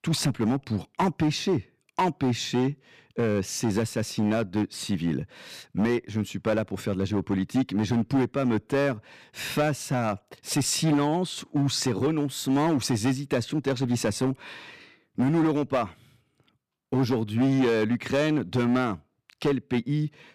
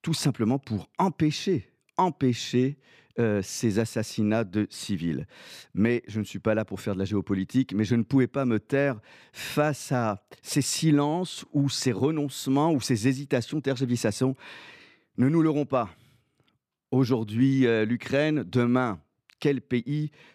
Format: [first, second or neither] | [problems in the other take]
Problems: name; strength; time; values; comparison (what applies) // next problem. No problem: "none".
second | distortion; slight; 8% of the sound clipped